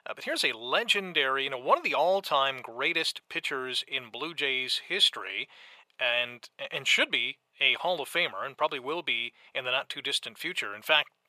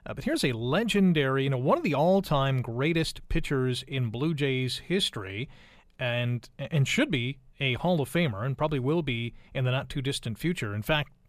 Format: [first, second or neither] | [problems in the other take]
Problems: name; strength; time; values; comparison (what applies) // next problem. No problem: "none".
second | thin; very; fading below 650 Hz